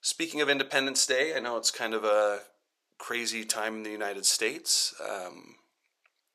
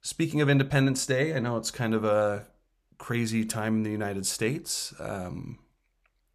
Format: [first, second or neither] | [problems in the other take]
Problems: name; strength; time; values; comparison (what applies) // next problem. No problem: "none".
second | thin; very; fading below 400 Hz